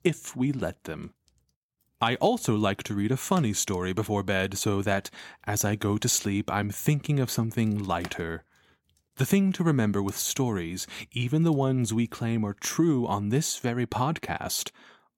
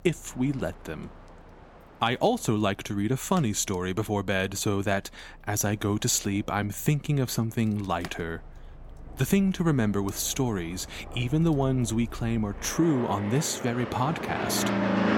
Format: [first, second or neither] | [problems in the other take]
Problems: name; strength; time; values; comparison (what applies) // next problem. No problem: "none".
first | train or aircraft noise; loud; throughout; 8 dB below the speech